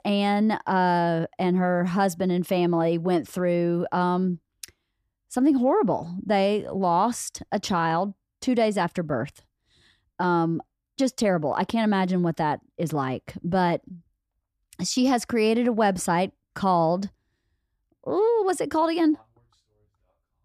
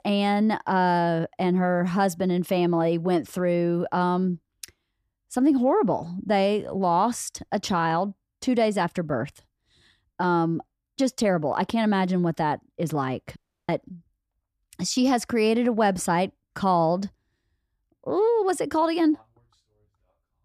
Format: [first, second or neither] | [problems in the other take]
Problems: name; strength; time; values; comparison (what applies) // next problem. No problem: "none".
first | audio cutting out; at 13 s